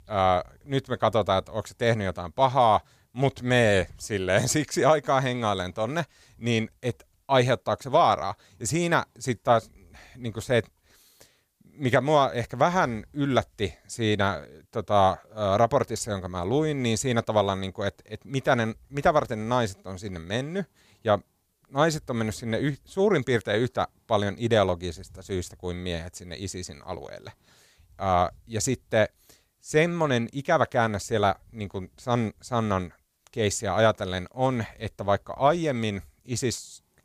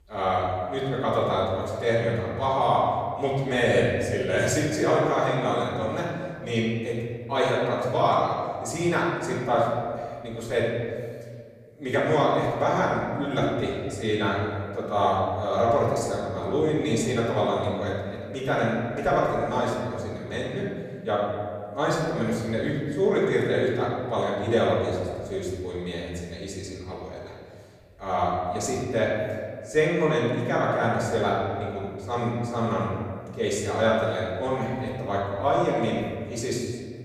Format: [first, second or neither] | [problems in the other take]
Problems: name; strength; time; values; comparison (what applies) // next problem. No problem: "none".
first | off-mic speech; far // room echo; noticeable; dies away in 1.8 s